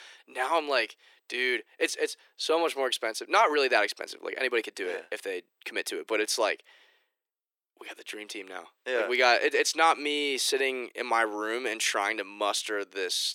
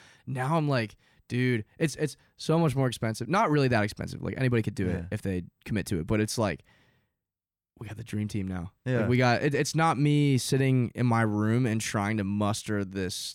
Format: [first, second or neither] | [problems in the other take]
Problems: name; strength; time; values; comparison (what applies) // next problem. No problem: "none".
second | thin; very; fading below 350 Hz